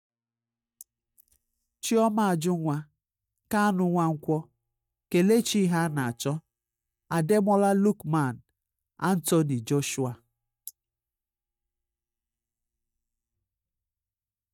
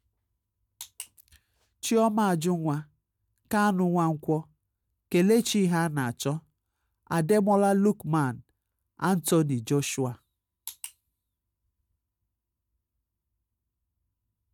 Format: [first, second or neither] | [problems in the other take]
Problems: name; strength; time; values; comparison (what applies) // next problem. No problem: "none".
second | noise reduction (neural mask model DeepFilterNet 3)